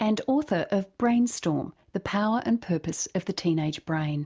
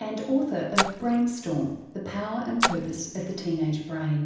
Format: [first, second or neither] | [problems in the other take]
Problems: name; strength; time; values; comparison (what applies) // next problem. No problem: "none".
first | background sound (Splash, splatter); 4 dB below the speech // room echo; dies away in 0.9 s